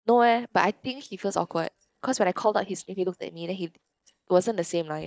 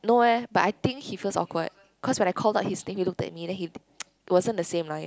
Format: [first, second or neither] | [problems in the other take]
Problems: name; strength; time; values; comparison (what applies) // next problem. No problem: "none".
second | noise reduction (neural mask model DeepFilterNet 3)